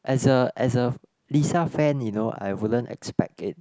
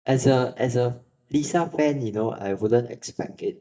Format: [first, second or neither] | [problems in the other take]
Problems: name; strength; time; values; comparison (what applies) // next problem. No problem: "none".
first | noise reduction (neural mask model DeepFilterNet 3)